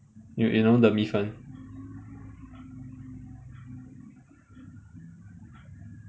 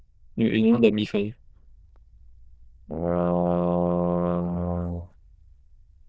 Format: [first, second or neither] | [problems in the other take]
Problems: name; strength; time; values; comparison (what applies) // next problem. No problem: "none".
first | noise reduction (neural diffusion model UNIVERSE++)